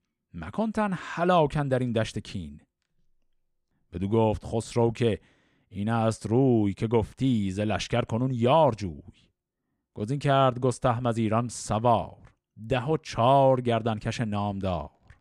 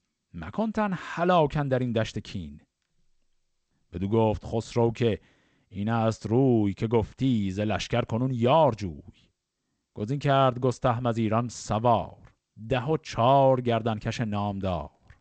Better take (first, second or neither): first